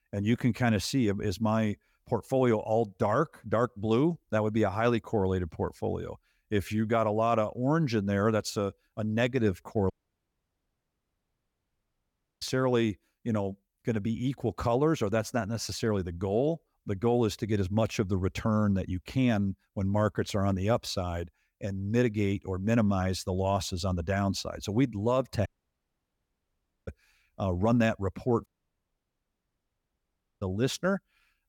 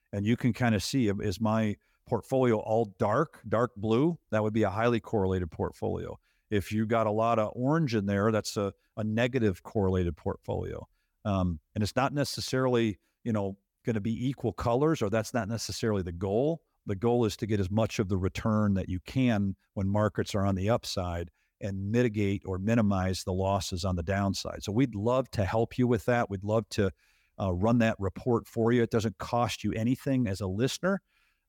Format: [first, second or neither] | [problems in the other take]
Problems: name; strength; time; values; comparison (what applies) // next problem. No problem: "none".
second | audio cutting out; at 10 s for 2.5 s, at 25 s for 1.5 s and at 28 s for 2 s